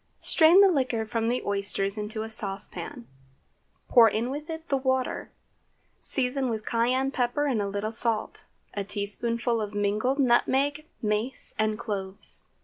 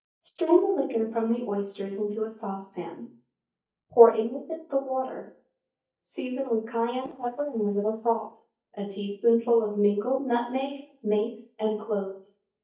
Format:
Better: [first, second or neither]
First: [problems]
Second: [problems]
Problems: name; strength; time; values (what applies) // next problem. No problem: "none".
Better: first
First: none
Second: noise reduction (neural mask model DeepFilterNet 3)